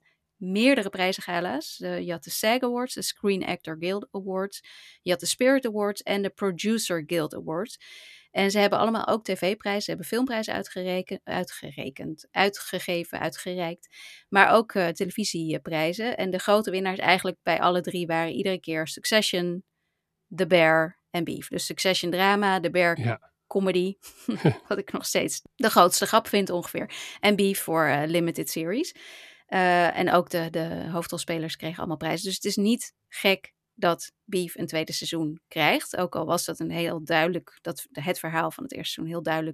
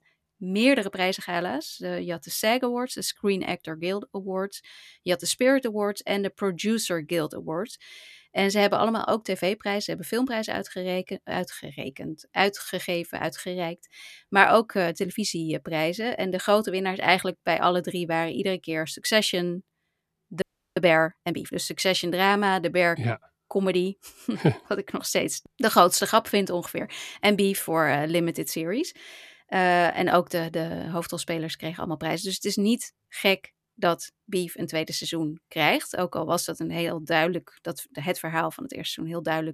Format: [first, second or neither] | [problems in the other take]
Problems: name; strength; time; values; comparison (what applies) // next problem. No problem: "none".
first | audio freezing; at 20 s